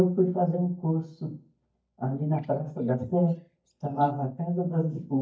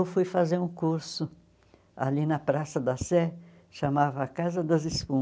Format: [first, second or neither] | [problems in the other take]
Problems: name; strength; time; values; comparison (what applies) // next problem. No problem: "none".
second | noise reduction (neural mask model DeepFilterNet 3)